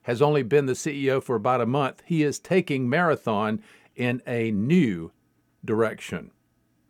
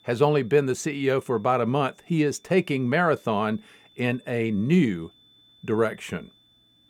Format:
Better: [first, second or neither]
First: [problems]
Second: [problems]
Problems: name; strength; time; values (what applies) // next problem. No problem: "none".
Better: first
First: none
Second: high-pitched whine; faint; throughout; 3.5 kHz, 35 dB below the speech